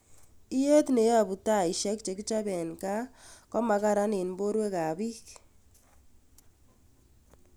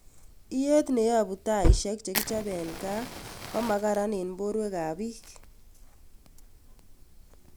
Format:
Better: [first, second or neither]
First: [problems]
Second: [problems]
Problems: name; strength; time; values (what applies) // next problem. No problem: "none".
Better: first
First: none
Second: background sound (Fire); 3 dB below the speech